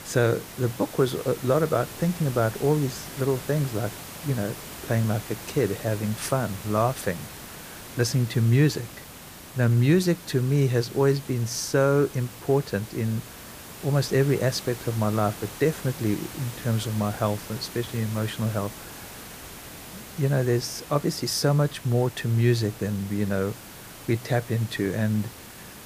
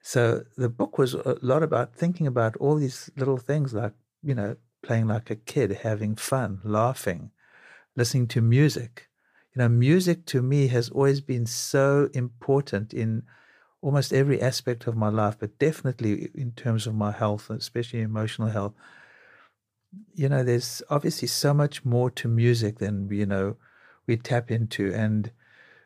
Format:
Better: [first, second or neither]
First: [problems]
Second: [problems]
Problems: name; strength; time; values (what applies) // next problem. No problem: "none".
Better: second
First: hiss; noticeable; throughout; 15 dB below the speech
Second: none